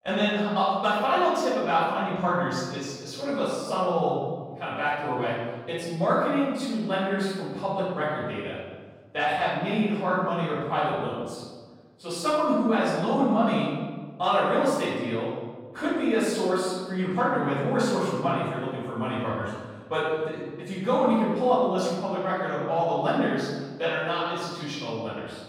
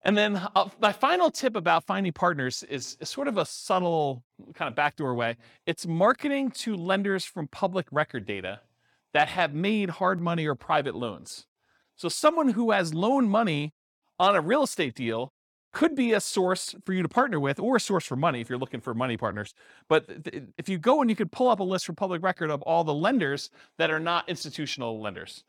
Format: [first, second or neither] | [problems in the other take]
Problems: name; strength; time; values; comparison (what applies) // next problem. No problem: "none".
second | off-mic speech; far // room echo; strong; dies away in 1.3 s